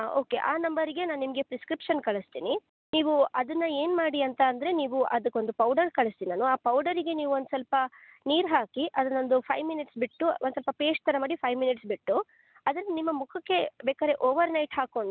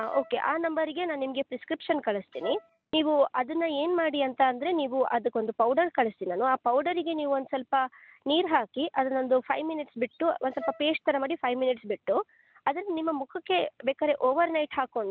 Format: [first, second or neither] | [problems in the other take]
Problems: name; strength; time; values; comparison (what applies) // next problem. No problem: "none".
first | background sound (Wind instrument, woodwind instrument); 13 dB below the speech